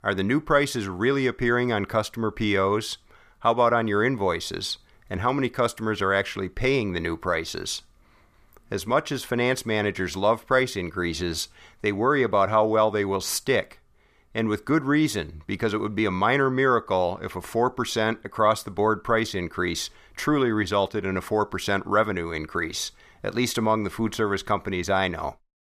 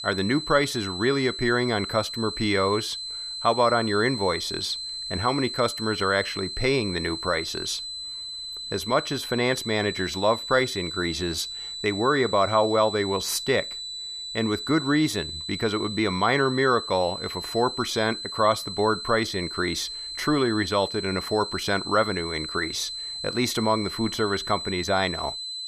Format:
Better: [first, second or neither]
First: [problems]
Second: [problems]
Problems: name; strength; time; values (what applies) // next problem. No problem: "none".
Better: first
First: none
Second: high-pitched whine; loud; throughout; 4 kHz, 6 dB below the speech